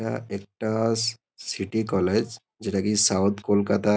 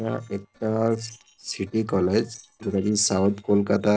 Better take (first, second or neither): first